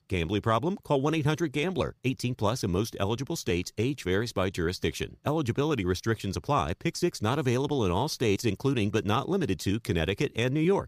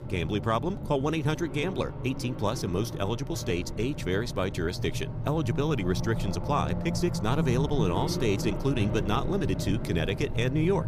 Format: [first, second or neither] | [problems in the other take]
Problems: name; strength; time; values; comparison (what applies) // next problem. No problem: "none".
first | traffic noise; loud; throughout; 4 dB below the speech